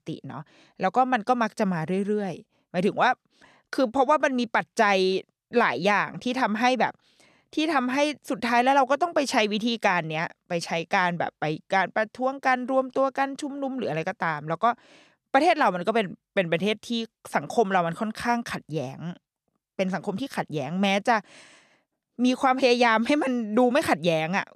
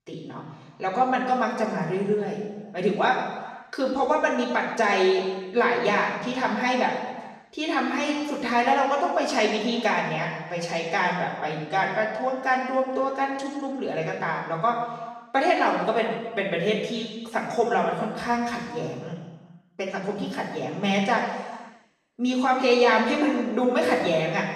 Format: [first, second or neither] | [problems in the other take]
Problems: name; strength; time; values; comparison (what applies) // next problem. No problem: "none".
first | room echo; noticeable; dies away in 1.2 s // off-mic speech; far